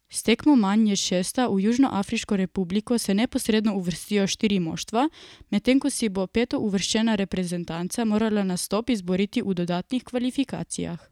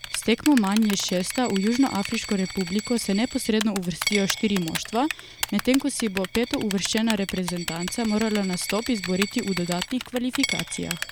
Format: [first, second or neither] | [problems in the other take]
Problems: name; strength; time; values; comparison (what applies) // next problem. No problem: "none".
first | background sound (Coin (dropping) + Typing); 9 dB below the speech